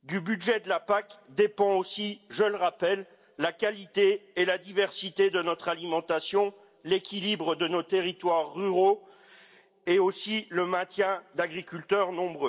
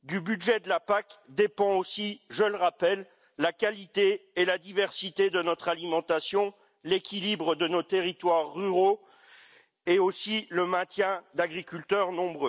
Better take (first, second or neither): second